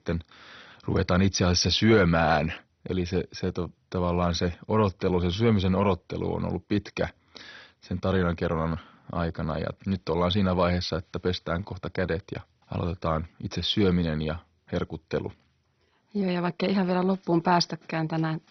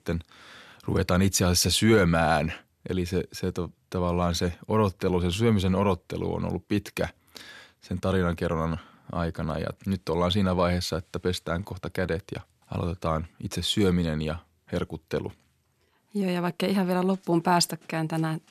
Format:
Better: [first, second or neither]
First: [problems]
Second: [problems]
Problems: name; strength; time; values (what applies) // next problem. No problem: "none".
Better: second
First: garbled, watery; badly; nothing above 6 kHz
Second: none